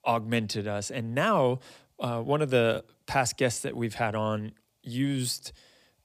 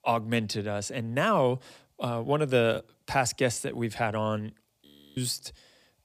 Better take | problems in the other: first | audio freezing; at 5 s

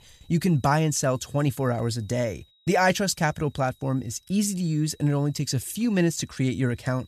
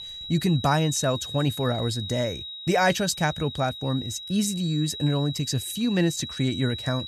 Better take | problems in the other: first | high-pitched whine; loud; throughout; 4 kHz, 9 dB below the speech; faint in the first

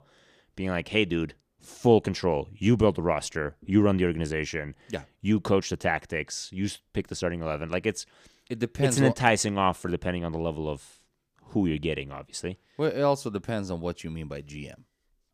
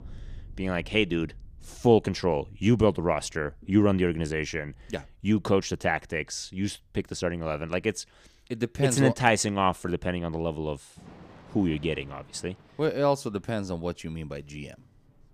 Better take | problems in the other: first | rain or running water; faint; throughout; 25 dB below the speech

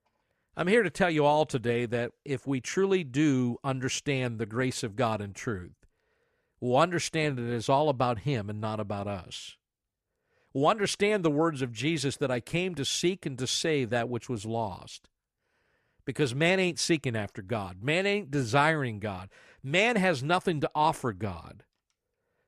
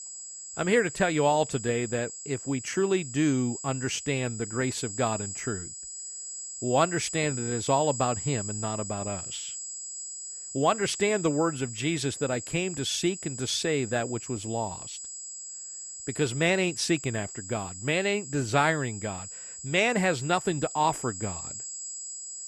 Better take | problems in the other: first | high-pitched whine; loud; throughout; 7.5 kHz, 8 dB below the speech

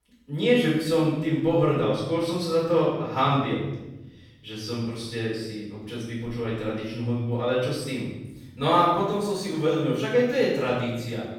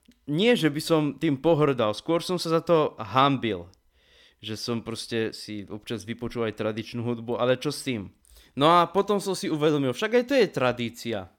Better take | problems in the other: second | off-mic speech; far // room echo; strong; dies away in 1.1 s

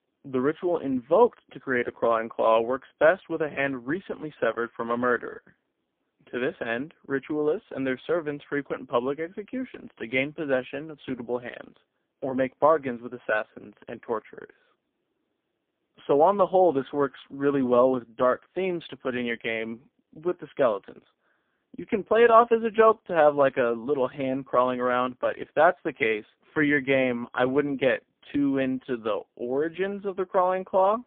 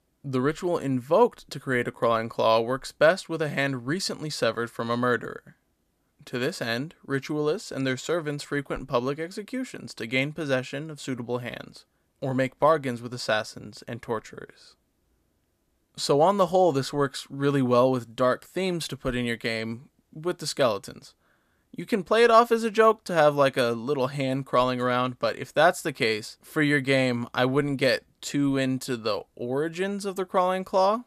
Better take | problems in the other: second | phone-call audio; poor line; nothing above 3.5 kHz

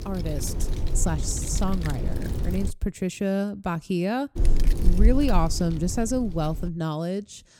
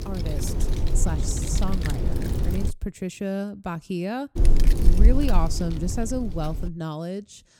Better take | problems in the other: first | wind noise on the microphone; heavy; until 2.5 s and from 4.5 to 6.5 s; 5 dB below the speech; occasional gusts in the first

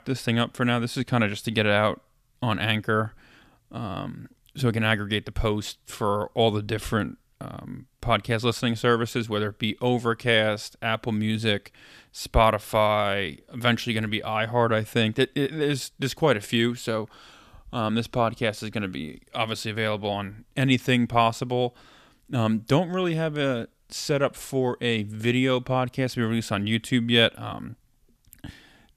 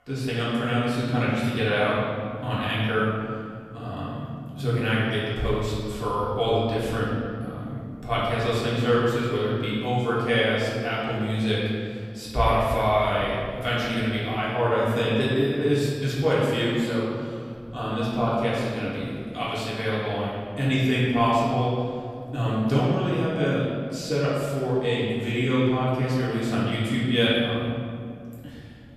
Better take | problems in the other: first | room echo; strong; dies away in 2.4 s // off-mic speech; far

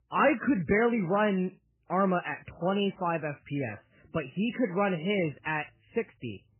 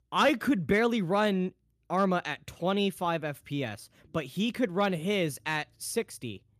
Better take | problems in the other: second | garbled, watery; badly; nothing above 3 kHz

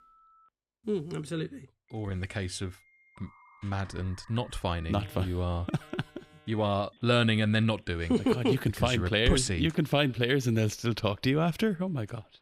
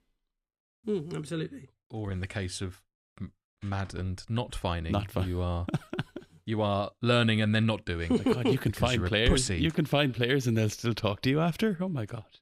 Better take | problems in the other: second | alarms or sirens; faint; throughout; 30 dB below the speech

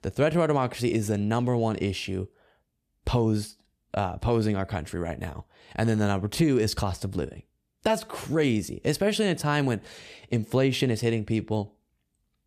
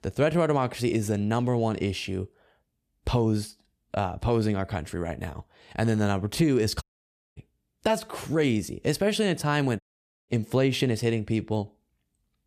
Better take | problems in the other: first | audio cutting out; at 7 s for 0.5 s and at 10 s

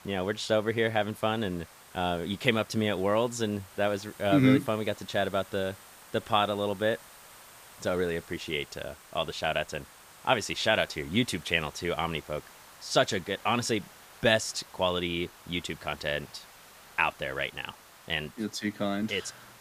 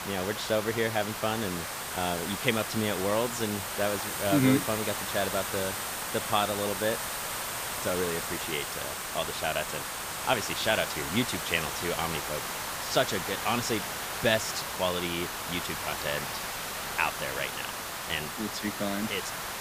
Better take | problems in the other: first | hiss; loud; throughout; 2 dB below the speech; faint in the first

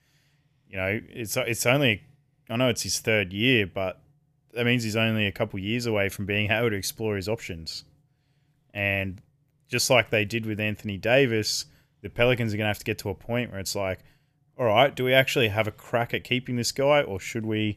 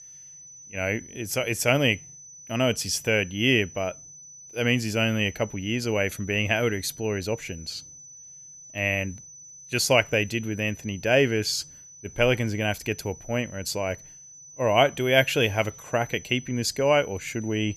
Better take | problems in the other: first | high-pitched whine; noticeable; throughout; 6 kHz, 20 dB below the speech

